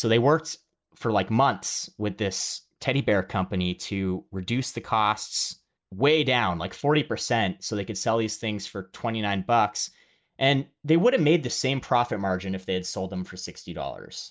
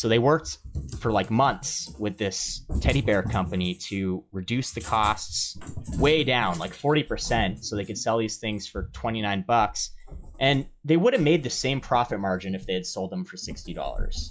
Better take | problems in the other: first | noise reduction (classical method log-MMSE)

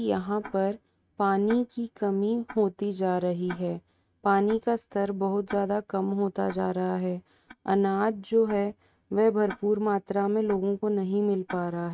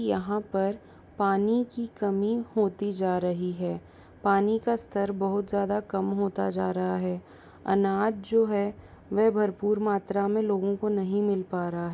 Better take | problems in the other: second | noise reduction (neural mask model RNNoise)

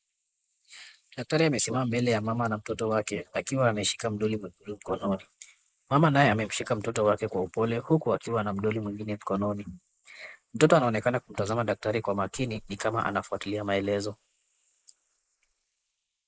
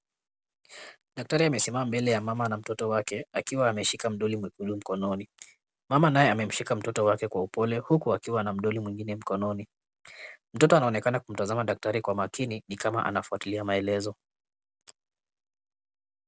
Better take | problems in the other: second | noise reduction (neural mask model Resemble Enhance denoiser)

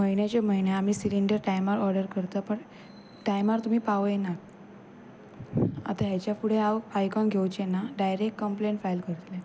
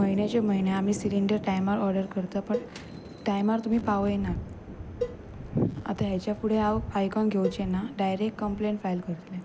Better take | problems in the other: first | background sound (Cowbell + Thunder); 11 dB below the speech

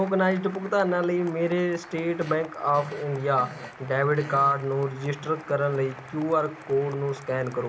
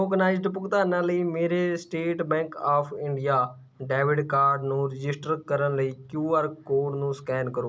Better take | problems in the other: second | background sound (Applause + Fart); 17 dB below the speech

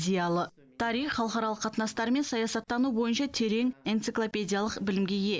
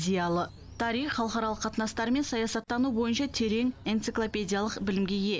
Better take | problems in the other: first | background sound (Bird); 18 dB below the speech

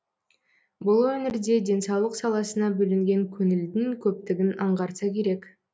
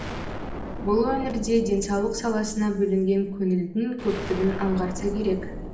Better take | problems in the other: first | background sound (Explosion); 9 dB below the speech // room echo; dies away in 1.3 s

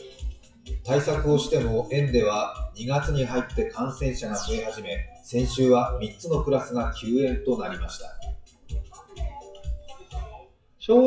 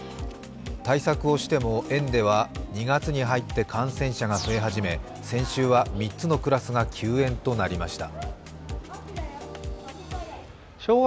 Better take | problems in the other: second | noise reduction (classical method WPE with log-MMSE)

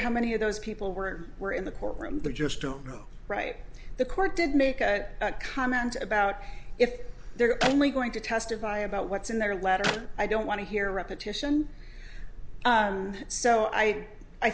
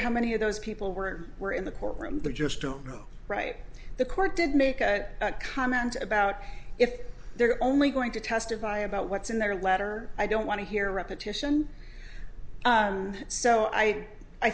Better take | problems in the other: second | background sound (Clapping); 7 dB below the speech

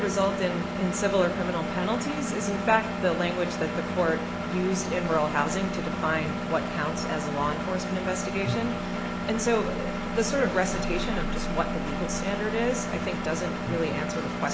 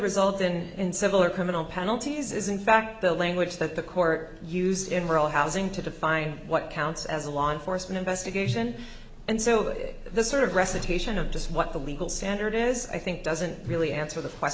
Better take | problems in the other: second | background sound (Engine); 2 dB below the speech

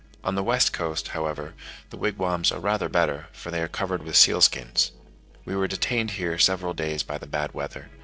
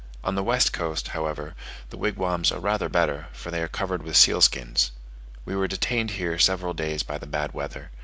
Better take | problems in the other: second | noise reduction (neural separator model SepFormer DNS4)

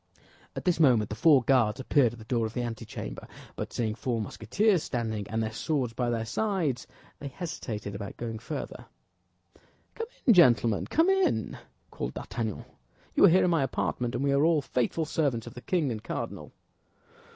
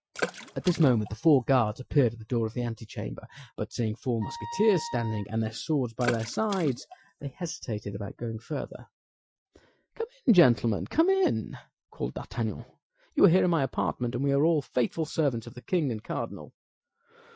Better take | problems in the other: first | noise reduction (classical method Wiener filter)

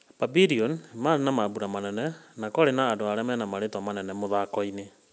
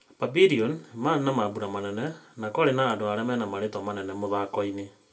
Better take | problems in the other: first | room echo; dies away in 0.2 s

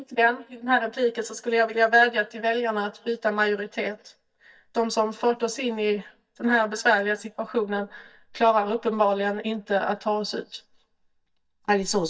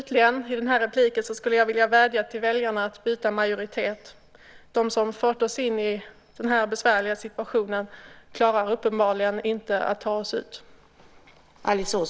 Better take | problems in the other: second | noise reduction (neural mask model DeepFilterNet 3)

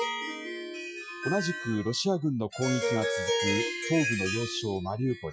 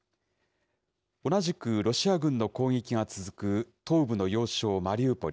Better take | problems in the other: second | noise reduction (classical method Wiener filter)

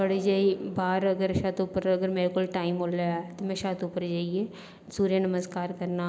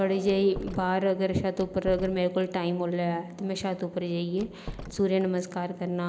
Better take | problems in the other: first | background sound (Door); 15 dB below the speech

